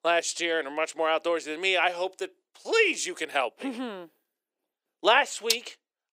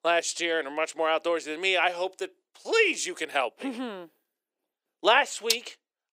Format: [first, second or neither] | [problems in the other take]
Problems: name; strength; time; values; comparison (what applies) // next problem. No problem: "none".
neither | thin; very; fading below 400 Hz; the same in both